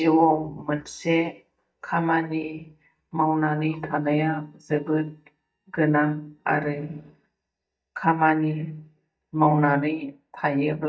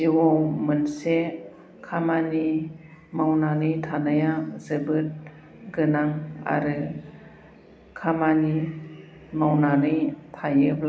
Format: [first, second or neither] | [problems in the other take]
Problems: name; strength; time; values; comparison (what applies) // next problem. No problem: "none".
second | noise reduction (neural mask model DeepFilterNet 3)